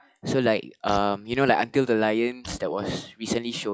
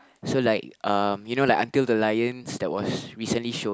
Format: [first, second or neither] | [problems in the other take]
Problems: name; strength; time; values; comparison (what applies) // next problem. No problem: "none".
second | noise reduction (classical method log-MMSE)